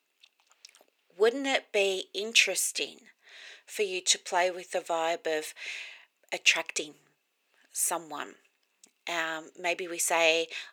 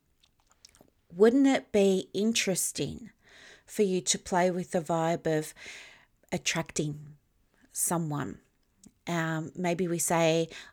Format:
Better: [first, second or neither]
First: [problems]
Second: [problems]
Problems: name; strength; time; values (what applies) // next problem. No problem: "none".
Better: second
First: thin; very; fading below 450 Hz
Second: none